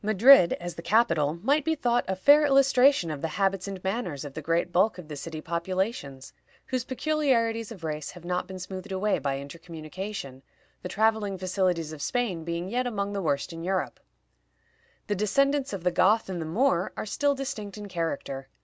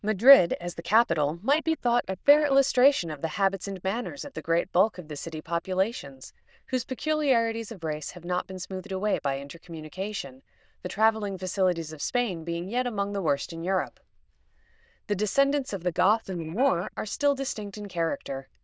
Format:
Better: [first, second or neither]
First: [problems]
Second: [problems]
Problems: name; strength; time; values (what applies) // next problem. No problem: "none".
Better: first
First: none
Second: noise reduction (neural diffusion model UNIVERSE++)